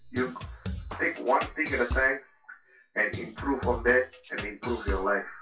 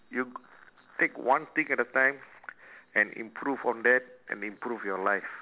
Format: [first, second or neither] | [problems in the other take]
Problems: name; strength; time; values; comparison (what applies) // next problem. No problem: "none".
second | noise reduction (classical method WPE with log-MMSE)